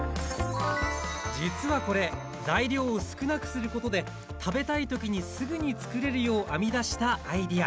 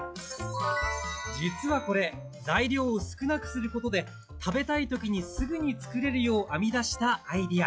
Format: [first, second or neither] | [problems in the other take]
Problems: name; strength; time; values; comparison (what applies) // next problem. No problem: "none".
first | noise reduction (classical method log-MMSE)